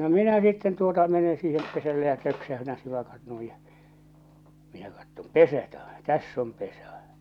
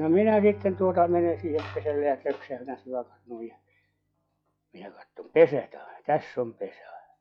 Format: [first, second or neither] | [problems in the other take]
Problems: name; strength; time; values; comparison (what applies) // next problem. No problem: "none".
first | noise reduction (classical method log-MMSE)